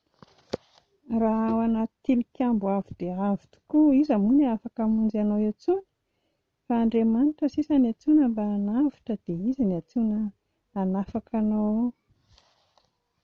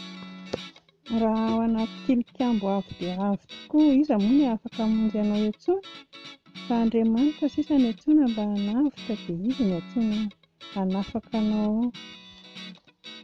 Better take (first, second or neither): first